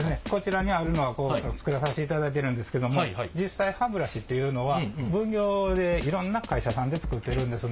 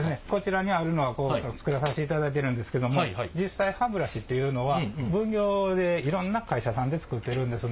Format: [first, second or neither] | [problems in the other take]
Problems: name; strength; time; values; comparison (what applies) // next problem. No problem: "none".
second | background sound (Drum kit); 12 dB below the speech